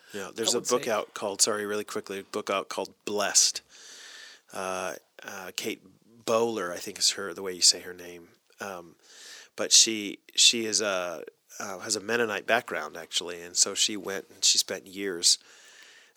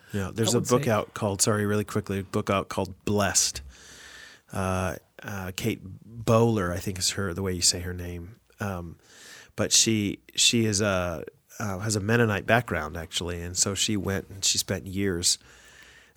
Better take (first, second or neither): second